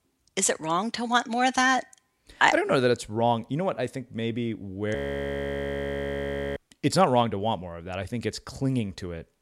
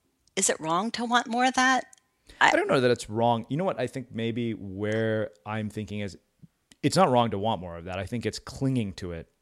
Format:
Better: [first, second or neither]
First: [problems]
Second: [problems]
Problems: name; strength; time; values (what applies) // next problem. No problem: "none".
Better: second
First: audio freezing; at 5 s for 1.5 s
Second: none